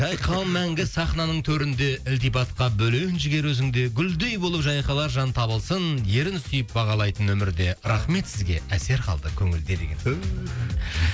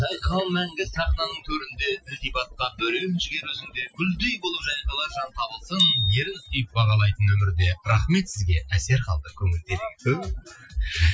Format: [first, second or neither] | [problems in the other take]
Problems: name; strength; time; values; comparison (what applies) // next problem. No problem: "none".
first | noise reduction (classical method Wiener filter)